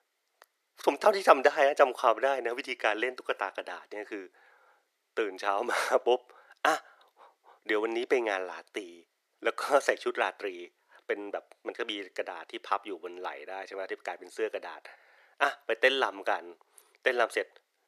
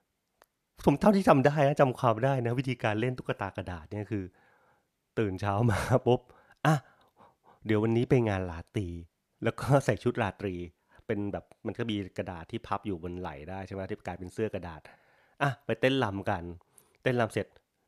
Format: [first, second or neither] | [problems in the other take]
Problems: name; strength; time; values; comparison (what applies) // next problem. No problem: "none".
second | thin; very; fading below 350 Hz